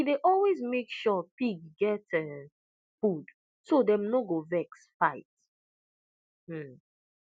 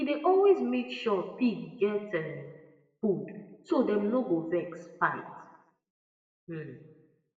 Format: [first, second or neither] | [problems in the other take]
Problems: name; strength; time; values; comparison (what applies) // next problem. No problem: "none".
first | room echo; dies away in 1 s